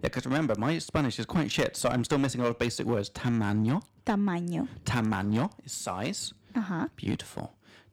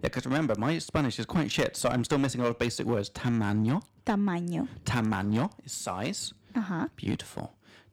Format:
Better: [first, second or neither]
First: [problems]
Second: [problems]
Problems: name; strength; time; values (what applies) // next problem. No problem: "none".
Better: neither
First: distortion; slight; 3% of the sound clipped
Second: distortion; slight; 3% of the sound clipped